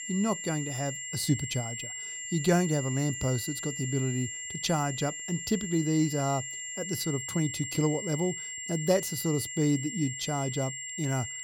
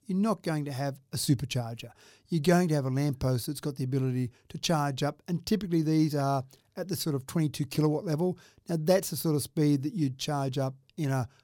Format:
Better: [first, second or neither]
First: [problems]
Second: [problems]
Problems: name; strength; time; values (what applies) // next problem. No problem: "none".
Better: second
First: high-pitched whine; loud; throughout; 7.5 kHz, 5 dB below the speech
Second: none